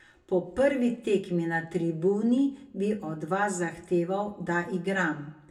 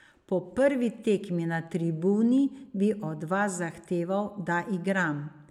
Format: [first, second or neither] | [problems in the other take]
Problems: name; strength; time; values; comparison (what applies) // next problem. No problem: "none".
second | room echo; dies away in 0.2 s